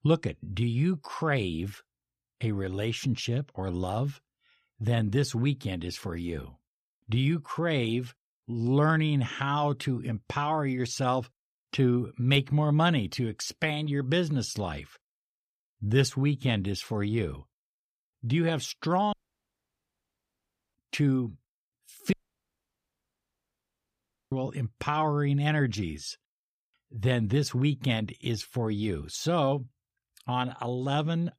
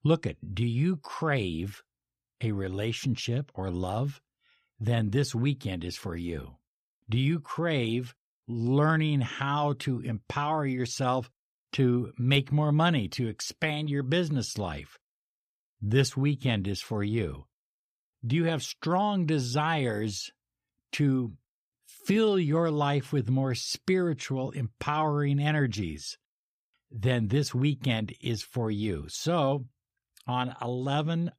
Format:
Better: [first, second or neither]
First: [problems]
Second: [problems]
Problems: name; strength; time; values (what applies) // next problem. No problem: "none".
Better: second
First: audio cutting out; at 19 s for 1.5 s and at 22 s for 2 s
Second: none